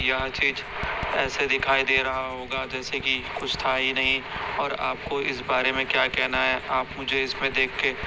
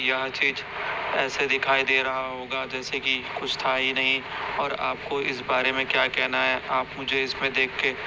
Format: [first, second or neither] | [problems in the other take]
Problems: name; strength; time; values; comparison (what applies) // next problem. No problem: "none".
second | background sound (Writing); 16 dB below the speech